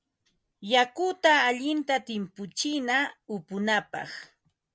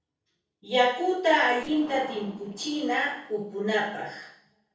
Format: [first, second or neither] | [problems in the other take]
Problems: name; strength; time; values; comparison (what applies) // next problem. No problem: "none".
first | noise reduction (neural separator model SepFormer DNS4)